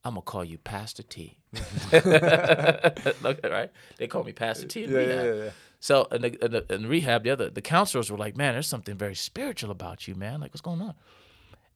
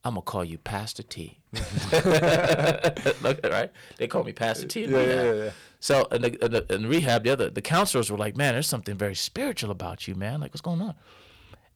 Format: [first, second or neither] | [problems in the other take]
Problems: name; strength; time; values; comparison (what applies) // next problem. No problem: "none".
first | distortion; heavy; 6% of the sound clipped